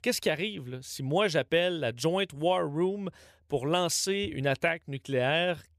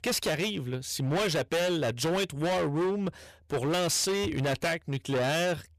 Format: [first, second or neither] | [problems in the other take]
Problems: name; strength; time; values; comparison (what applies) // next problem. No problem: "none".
first | distortion; heavy; 27% of the sound clipped